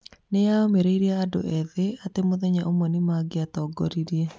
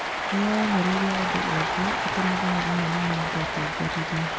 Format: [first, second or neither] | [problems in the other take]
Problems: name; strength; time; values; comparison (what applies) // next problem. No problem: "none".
first | background sound (Cheering); 1 dB above the speech